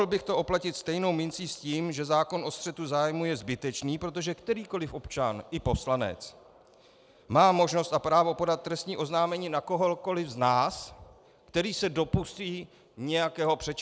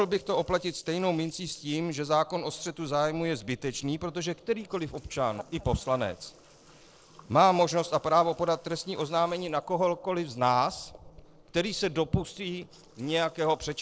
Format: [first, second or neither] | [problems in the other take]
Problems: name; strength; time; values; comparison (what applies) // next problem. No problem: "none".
first | noise reduction (neural separator model SepFormer DNS4)